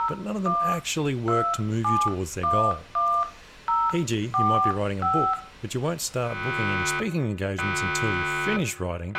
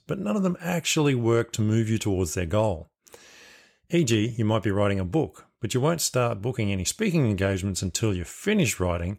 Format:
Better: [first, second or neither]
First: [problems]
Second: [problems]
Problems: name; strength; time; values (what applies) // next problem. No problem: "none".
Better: second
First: alarms or sirens; very loud; throughout; 3 dB above the speech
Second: none